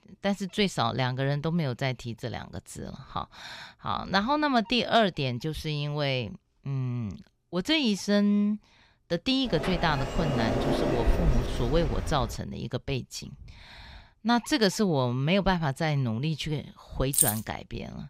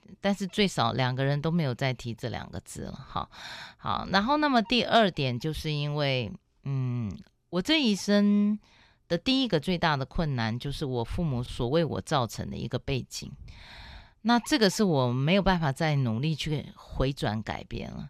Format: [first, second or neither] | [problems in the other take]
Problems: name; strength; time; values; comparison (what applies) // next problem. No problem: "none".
second | door banging; loud; from 9.5 to 12 s; peak 1 dB above the speech // jangling keys; loud; at 17 s; peak 5 dB above the speech